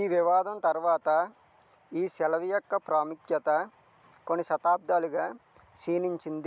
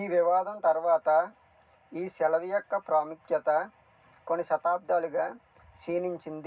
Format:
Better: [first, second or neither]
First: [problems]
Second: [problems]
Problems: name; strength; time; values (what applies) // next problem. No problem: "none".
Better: first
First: none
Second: room echo; dies away in 0.4 s